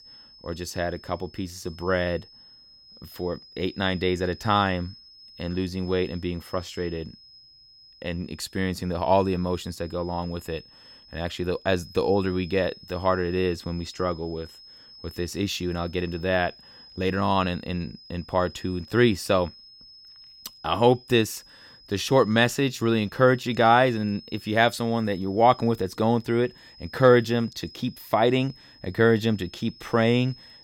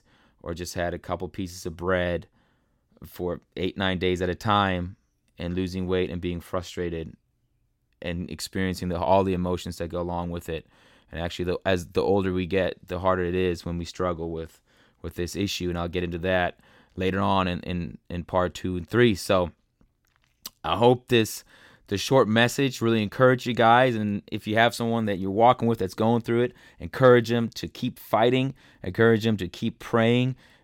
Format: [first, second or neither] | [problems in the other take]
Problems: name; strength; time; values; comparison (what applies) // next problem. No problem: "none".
second | high-pitched whine; faint; throughout; 5 kHz, 20 dB below the speech